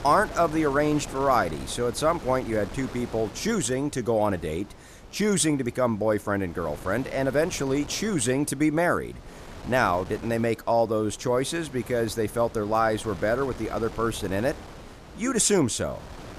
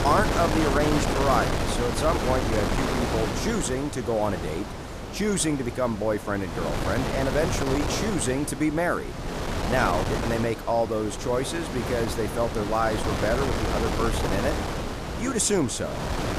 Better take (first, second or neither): first